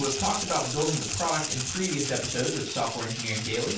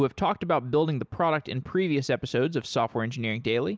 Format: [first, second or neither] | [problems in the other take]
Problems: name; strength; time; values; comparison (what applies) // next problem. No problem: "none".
second | background sound (Rattle (instrument)); 3 dB below the speech // room echo; dies away in 0.3 s